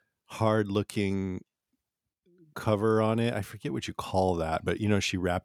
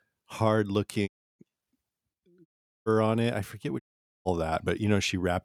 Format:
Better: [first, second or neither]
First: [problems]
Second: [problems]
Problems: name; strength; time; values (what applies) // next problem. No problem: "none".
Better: first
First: none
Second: audio cutting out; at 1 s, at 2.5 s and at 4 s